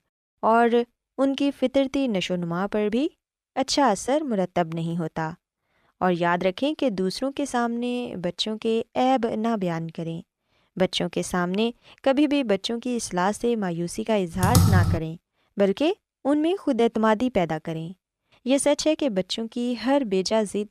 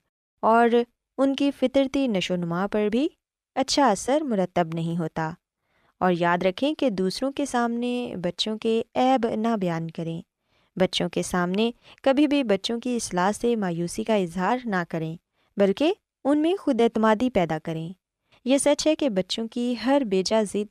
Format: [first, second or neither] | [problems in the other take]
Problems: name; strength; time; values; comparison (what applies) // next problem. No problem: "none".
second | keyboard typing; loud; at 14 s; peak 6 dB above the speech